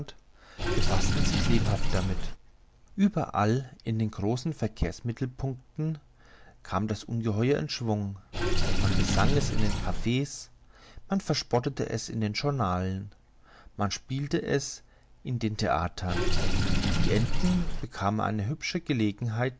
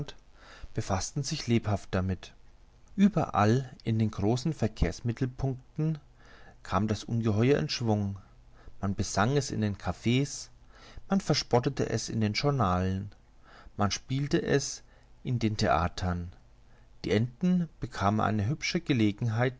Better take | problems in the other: second | background sound (Sink (filling or washing) / Water); 1 dB above the speech

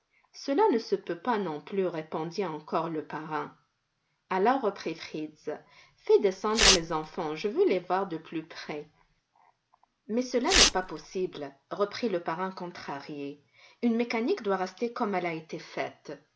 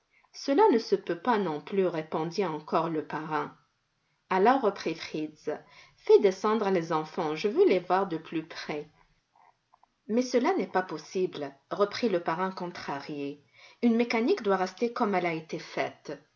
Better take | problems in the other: second | background sound (Tearing); 3 dB above the speech

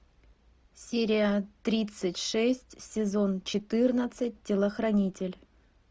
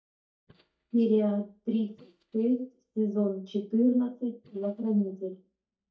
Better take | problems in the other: first | noise reduction (neural mask model DeepFilterNet 3)

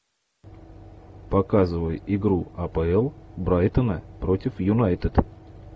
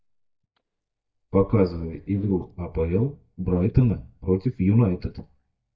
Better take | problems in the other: first | noise reduction (neural mask model DeepFilterNet 3)

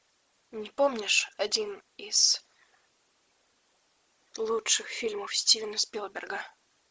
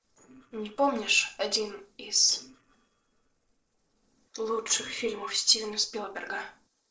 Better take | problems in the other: first | noise reduction (neural separator model SepFormer DNS4)

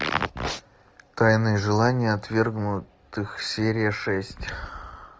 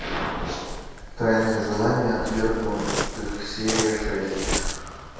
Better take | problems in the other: first | background sound (Waves, surf); 5 dB below the speech // room echo; dies away in 1.2 s

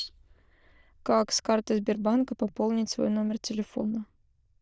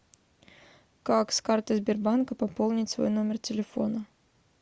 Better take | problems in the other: second | noise reduction (neural diffusion model UNIVERSE++)

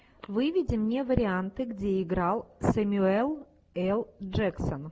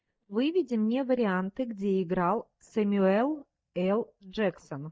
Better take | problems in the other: first | noise reduction (neural mask model DeepFilterNet 3)

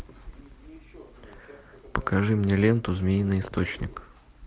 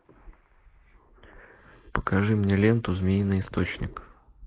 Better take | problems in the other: first | noise reduction (neural mask model Resemble Enhance denoiser)

